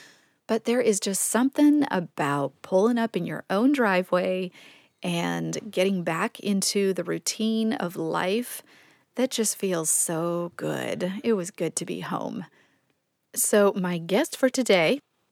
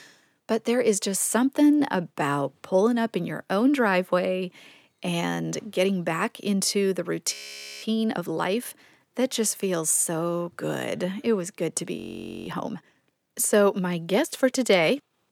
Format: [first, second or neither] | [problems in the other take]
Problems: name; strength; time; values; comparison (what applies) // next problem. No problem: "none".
first | audio freezing; at 7.5 s and at 12 s